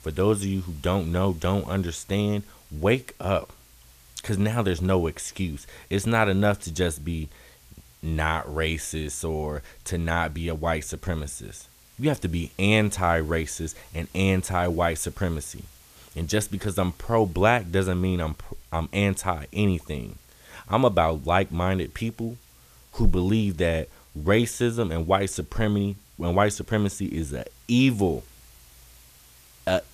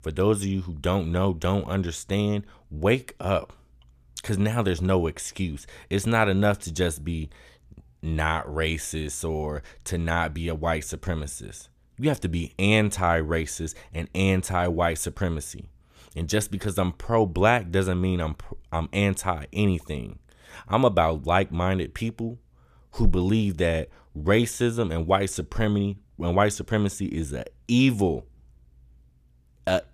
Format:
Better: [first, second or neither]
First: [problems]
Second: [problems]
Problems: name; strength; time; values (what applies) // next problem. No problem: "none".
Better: second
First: hiss; faint; throughout; 25 dB below the speech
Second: none